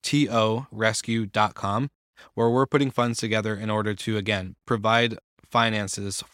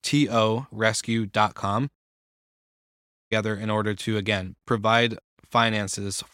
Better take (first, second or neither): first